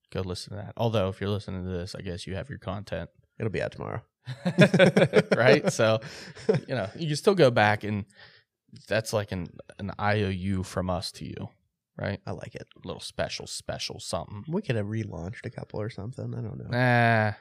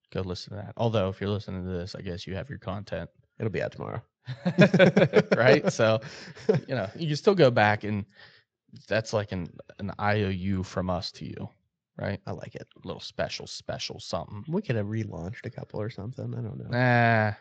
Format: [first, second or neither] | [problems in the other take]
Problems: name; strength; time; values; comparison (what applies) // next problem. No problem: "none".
first | garbled, watery; slightly; nothing above 7.5 kHz